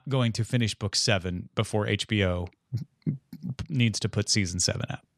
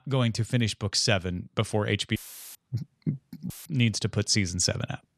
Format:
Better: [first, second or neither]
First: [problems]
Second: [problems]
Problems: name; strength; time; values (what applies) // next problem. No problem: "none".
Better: first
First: none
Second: audio cutting out; filled with static; at 2 s and at 3.5 s